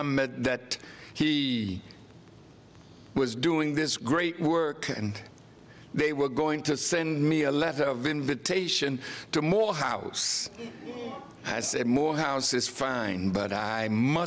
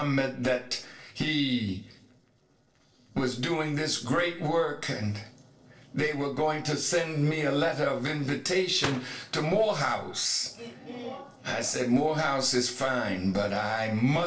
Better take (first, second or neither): first